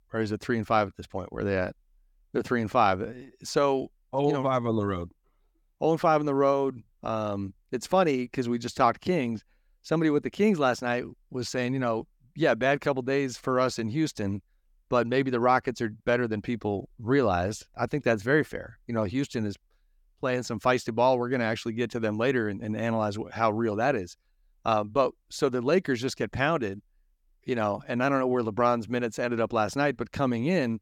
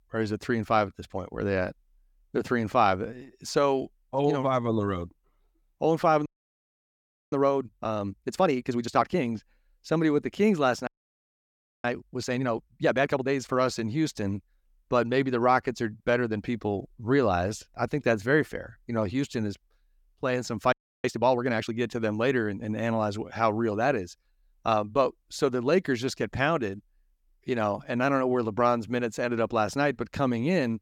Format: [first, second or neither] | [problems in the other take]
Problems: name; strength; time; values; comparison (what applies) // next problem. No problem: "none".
first | audio freezing; at 6.5 s for 1 s, at 11 s for 1 s and at 21 s